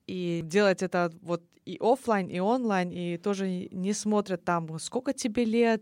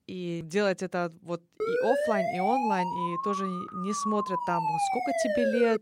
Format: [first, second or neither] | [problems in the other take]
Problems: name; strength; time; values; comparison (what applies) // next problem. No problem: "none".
first | siren; loud; from 1.5 s on; peak 4 dB above the speech